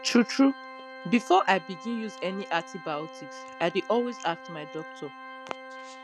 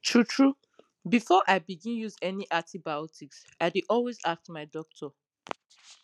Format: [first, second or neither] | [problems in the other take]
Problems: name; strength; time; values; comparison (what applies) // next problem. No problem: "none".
second | background sound (Organ); 15 dB below the speech